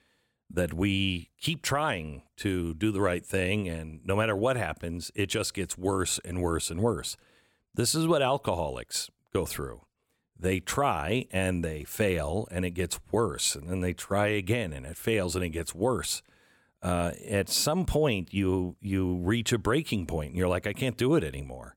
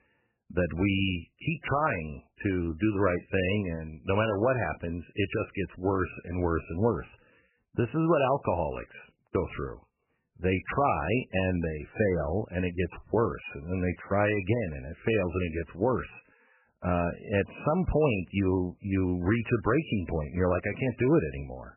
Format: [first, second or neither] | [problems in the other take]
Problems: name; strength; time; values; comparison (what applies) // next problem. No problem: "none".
first | garbled, watery; badly; nothing above 3 kHz